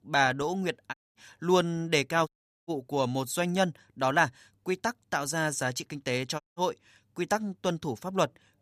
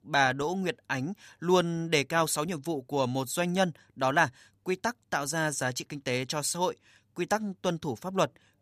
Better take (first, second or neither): second